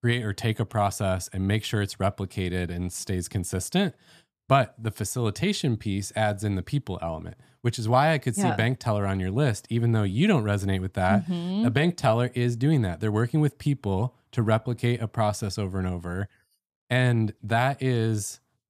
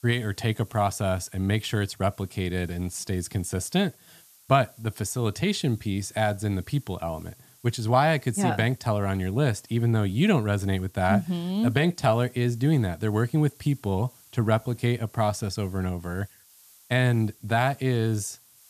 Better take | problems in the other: first | hiss; faint; throughout; 25 dB below the speech

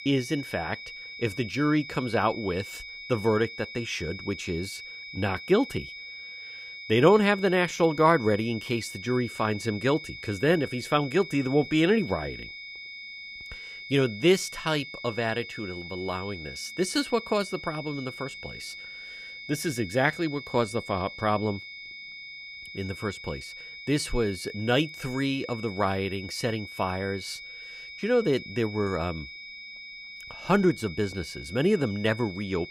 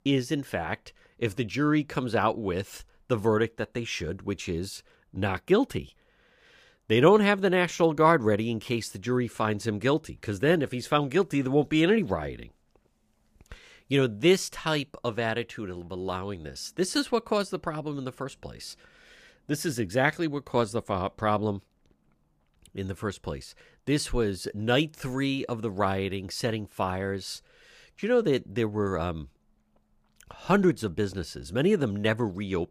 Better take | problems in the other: second | high-pitched whine; noticeable; throughout; 2.5 kHz, 10 dB below the speech

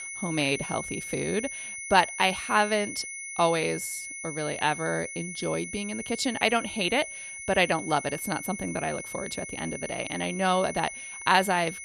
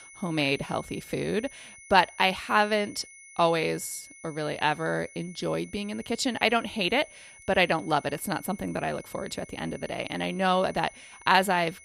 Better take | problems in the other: second | high-pitched whine; loud; throughout; 2 kHz, 8 dB below the speech; faint in the second

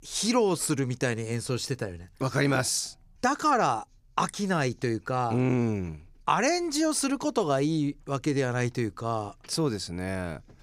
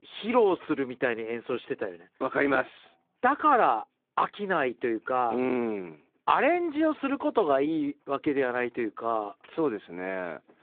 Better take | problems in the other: first | phone-call audio; nothing above 3.5 kHz

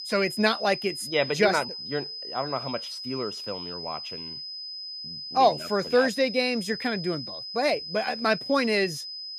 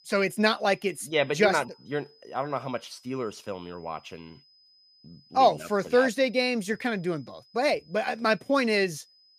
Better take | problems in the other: second | high-pitched whine; loud; throughout; 5 kHz, 8 dB below the speech; faint in the second

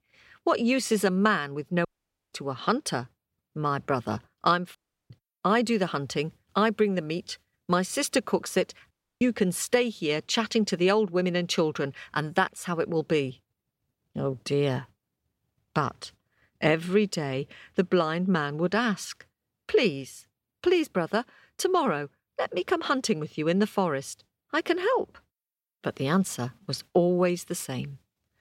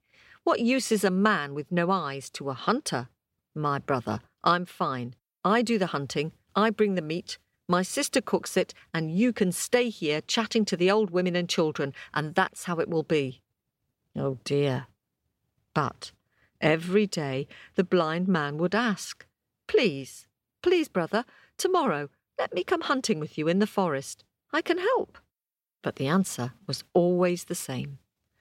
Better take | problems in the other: second | audio cutting out; at 2 s, at 5 s and at 9 s

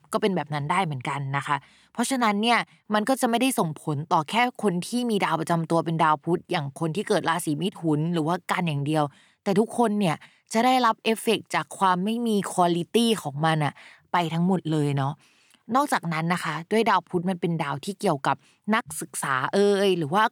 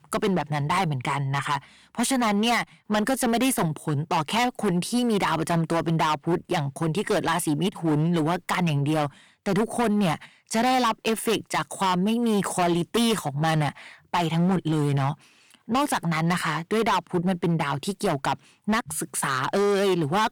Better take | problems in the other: first | distortion; heavy; 15% of the sound clipped

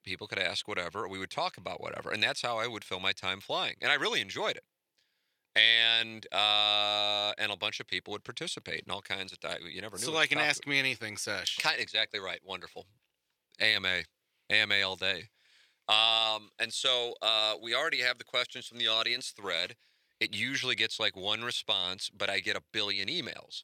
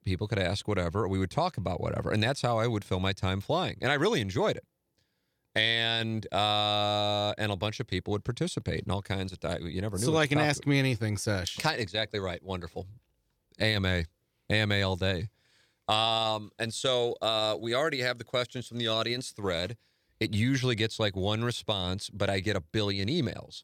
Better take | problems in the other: second | thin; somewhat; fading below 800 Hz

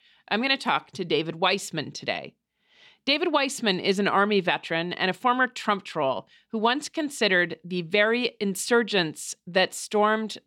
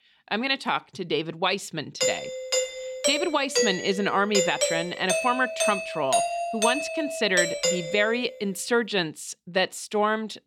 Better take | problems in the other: first | doorbell; loud; from 2 to 8 s; peak 3 dB above the speech

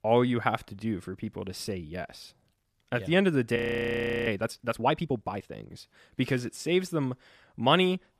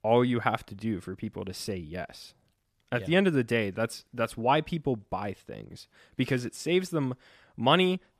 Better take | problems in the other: second | audio freezing; at 3.5 s for 0.5 s

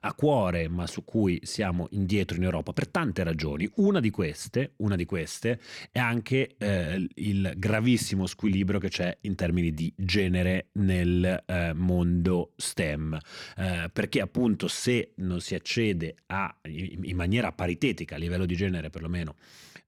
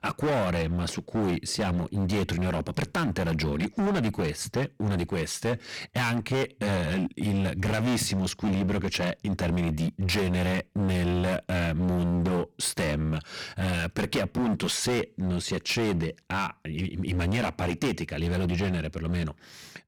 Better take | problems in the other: first | distortion; heavy; 21% of the sound clipped

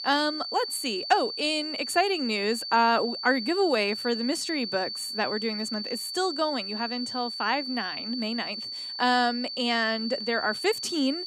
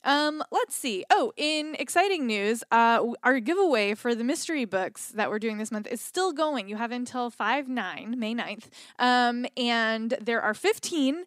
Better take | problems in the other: second | high-pitched whine; loud; throughout; 4.5 kHz, 5 dB below the speech

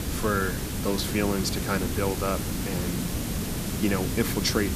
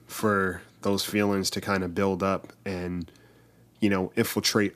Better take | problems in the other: second | hiss; loud; throughout; 1 dB below the speech

